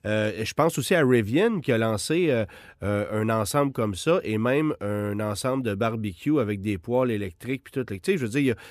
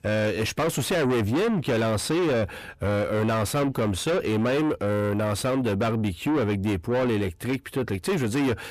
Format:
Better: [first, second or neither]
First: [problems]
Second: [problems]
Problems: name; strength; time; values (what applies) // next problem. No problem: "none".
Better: first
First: none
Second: distortion; heavy; 6 dB below the speech